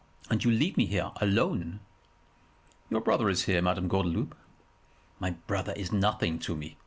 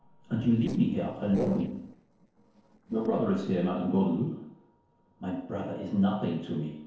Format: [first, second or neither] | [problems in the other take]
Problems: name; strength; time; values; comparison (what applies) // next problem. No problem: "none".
first | noise reduction (neural separator model SepFormer DNS4)